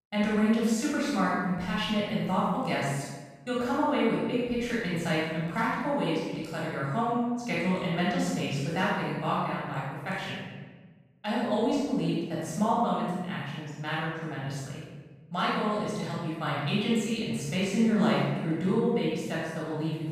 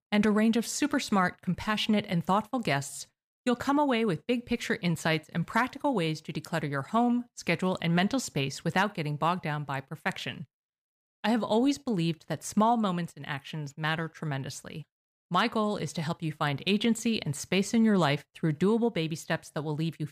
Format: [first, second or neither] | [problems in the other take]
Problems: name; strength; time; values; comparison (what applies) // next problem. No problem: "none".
second | off-mic speech; far // room echo; strong; dies away in 1.1 s